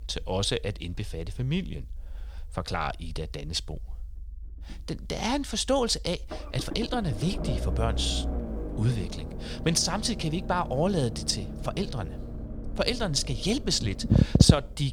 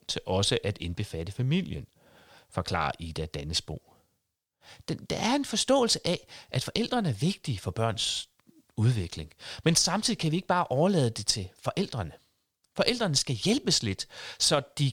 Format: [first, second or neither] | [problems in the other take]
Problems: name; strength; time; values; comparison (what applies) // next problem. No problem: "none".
second | low rumble; loud; throughout; 9 dB below the speech